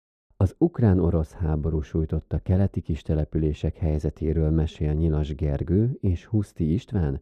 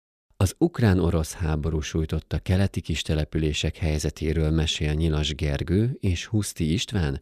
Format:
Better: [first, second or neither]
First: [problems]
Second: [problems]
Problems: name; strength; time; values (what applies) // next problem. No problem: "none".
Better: second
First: muffled; very; fading above 1.5 kHz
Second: none